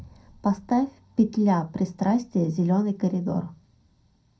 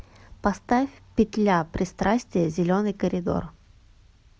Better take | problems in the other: second | room echo; dies away in 0.2 s

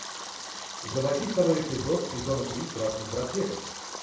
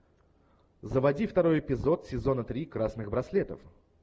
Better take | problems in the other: second | background sound (Stream); 8 dB below the speech // room echo; dies away in 0.6 s

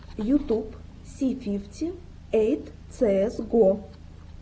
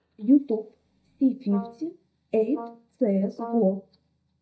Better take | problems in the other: first | noise reduction (neural mask model DeepFilterNet 3)

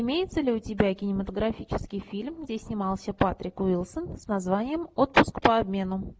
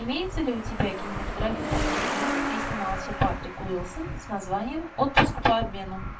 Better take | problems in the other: first | background sound (Truck); 5 dB below the speech // room echo; dies away in 0.2 s

